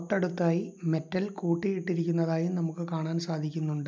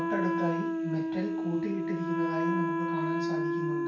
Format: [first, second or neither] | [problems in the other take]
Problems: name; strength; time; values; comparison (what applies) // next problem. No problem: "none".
first | background sound (Wind instrument, woodwind instrument); 4 dB above the speech // room echo; dies away in 0.3 s